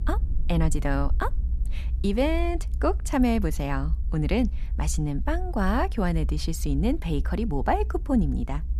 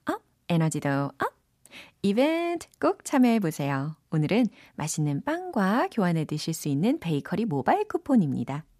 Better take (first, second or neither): second